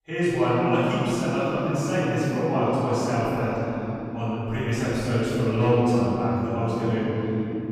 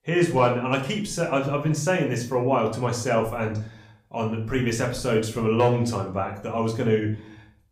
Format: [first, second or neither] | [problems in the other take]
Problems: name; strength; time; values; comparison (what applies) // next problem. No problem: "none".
second | room echo; strong; dies away in 3 s; slight in the second // off-mic speech; far; somewhat distant in the second